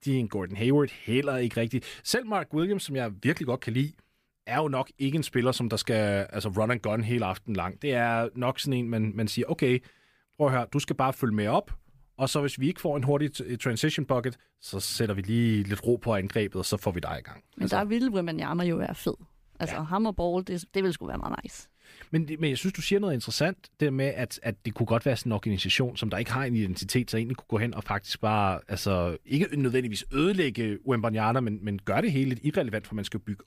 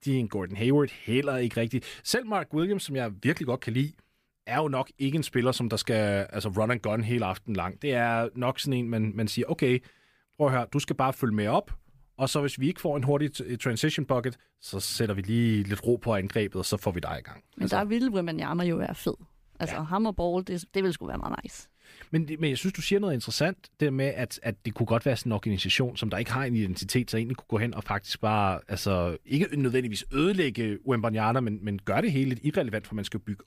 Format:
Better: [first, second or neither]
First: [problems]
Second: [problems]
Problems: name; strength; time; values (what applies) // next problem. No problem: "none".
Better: neither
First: none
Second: none